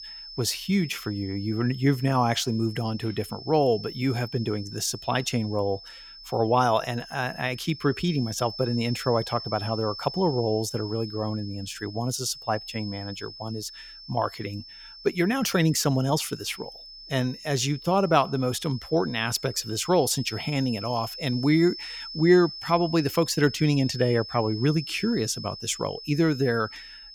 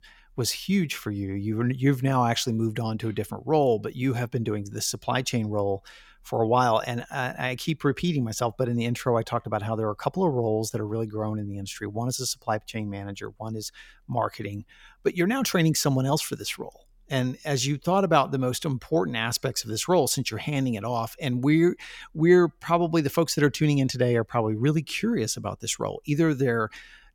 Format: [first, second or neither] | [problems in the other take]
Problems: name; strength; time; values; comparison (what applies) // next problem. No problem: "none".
second | high-pitched whine; noticeable; throughout; 5 kHz, 15 dB below the speech